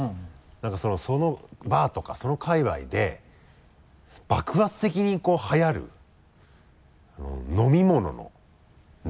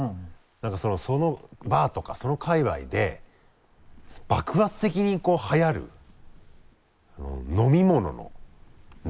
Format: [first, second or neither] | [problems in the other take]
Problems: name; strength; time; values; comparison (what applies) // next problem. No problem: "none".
first | noise reduction (neural mask model Resemble Enhance denoiser)